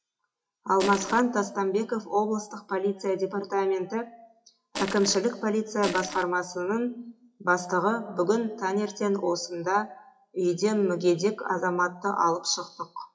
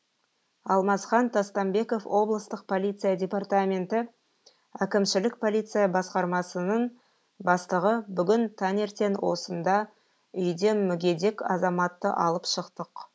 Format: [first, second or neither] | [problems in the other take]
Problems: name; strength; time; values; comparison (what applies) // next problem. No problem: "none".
second | noise reduction (classical method WPE with log-MMSE)